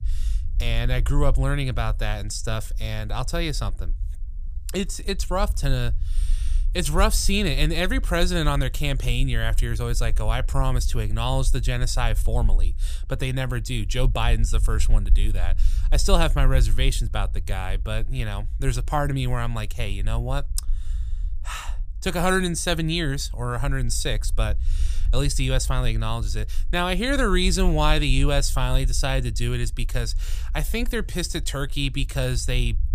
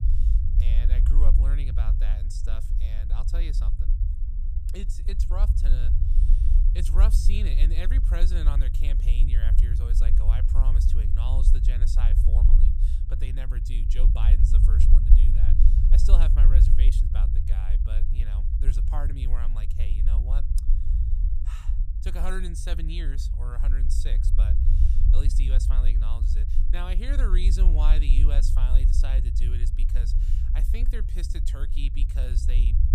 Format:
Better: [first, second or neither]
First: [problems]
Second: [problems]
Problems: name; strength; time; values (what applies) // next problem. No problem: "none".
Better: first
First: low rumble; faint; throughout; 25 dB below the speech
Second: low rumble; loud; throughout; 3 dB below the speech